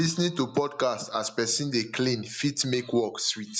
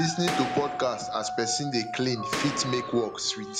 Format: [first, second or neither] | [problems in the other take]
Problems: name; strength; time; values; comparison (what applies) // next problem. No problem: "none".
first | background sound (Boom + Dog); 5 dB below the speech